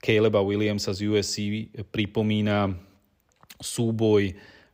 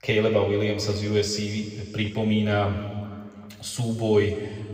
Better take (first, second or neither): first